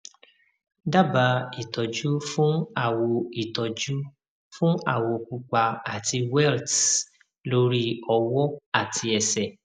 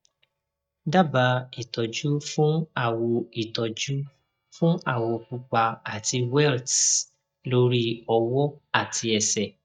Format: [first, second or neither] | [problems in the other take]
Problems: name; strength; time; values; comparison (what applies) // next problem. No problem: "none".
first | noise reduction (neural mask model DeepFilterNet 3)